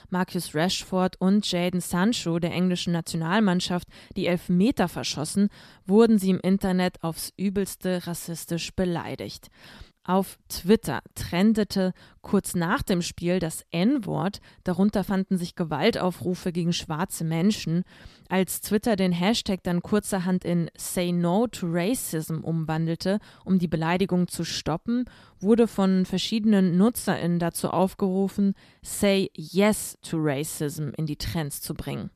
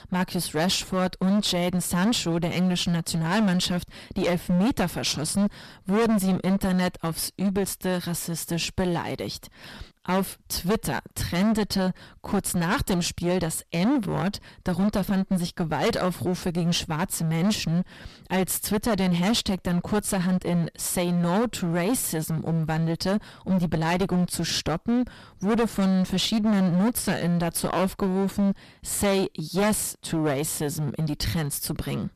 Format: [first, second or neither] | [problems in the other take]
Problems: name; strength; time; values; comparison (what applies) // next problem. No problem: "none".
first | distortion; heavy; 17% of the sound clipped